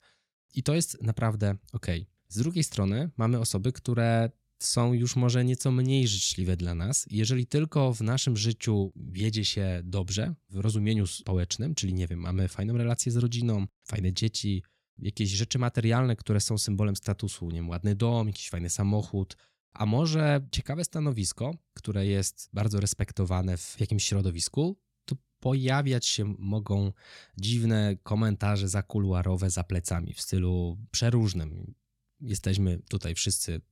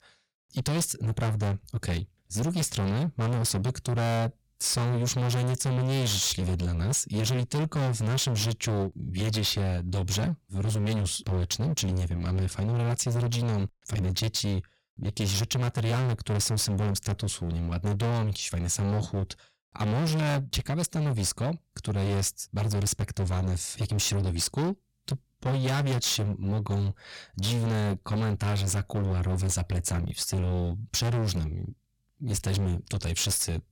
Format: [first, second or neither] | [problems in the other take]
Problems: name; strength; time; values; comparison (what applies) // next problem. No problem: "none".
first | distortion; heavy; 30% of the sound clipped